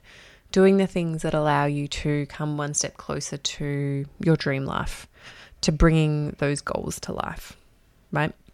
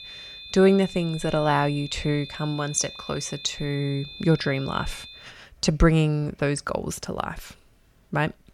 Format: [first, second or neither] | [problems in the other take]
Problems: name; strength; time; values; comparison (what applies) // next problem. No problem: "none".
first | high-pitched whine; noticeable; until 5 s; 3.5 kHz, 15 dB below the speech